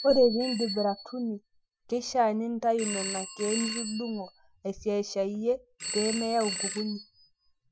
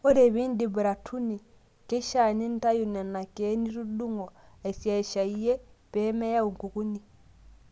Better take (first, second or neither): second